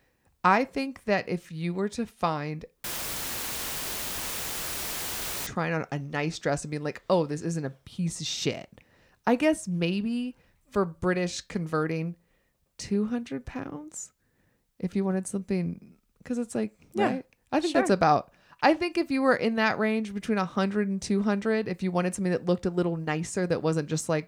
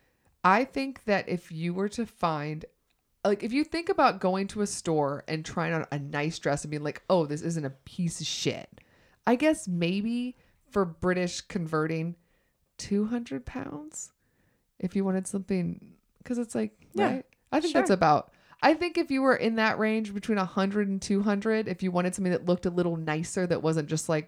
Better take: second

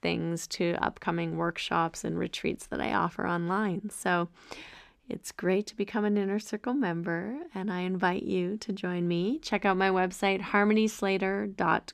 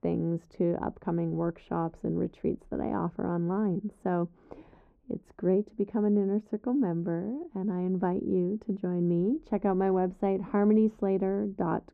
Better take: first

